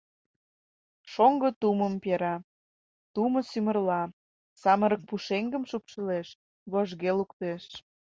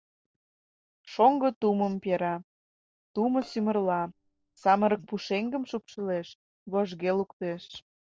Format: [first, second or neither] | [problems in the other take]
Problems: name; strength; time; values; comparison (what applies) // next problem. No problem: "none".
first | noise reduction (neural separator model SepFormer DNS4)